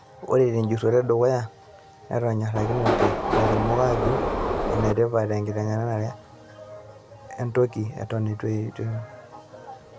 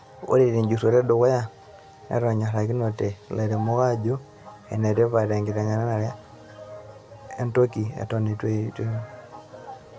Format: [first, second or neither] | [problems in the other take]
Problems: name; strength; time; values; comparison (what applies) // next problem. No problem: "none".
second | background sound (Subway, metro, underground); 2 dB above the speech